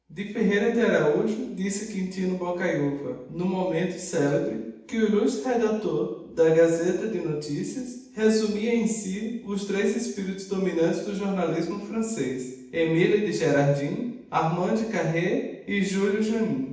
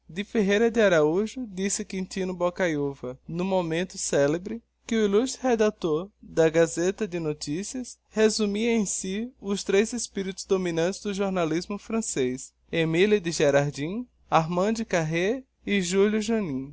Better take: second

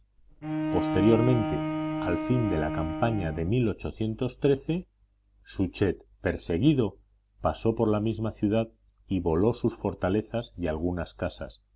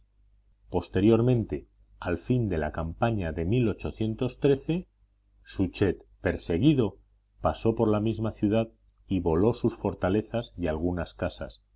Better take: second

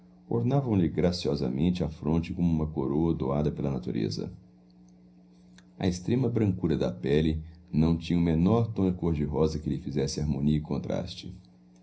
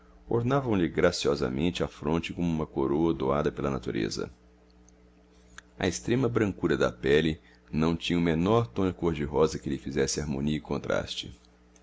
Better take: second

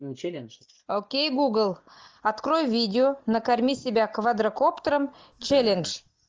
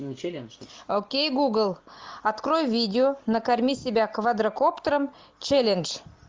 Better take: second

